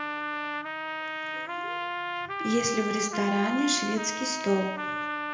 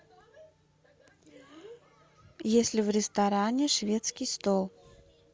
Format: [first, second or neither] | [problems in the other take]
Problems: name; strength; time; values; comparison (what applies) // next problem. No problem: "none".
second | background sound (Trumpet); 2 dB below the speech // room echo; dies away in 0.7 s